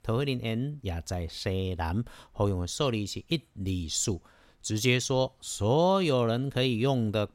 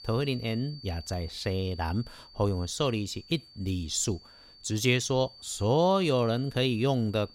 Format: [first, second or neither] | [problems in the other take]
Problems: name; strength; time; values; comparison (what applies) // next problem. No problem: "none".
first | high-pitched whine; noticeable; throughout; 4.5 kHz, 20 dB below the speech